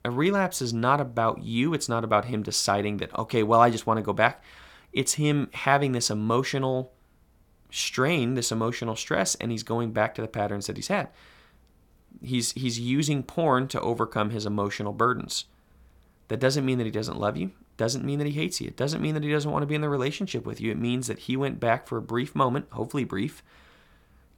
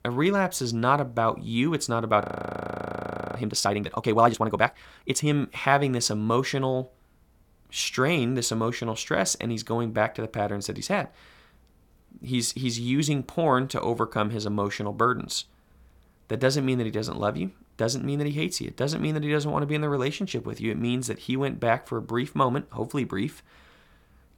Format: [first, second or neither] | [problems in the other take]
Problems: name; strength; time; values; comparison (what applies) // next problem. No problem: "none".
first | audio freezing; at 2 s for 1 s